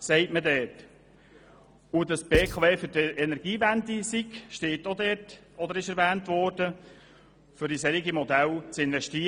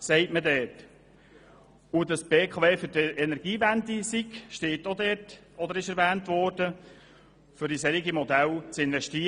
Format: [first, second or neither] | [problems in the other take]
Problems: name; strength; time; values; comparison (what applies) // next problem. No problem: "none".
second | background sound (Writing); 4 dB below the speech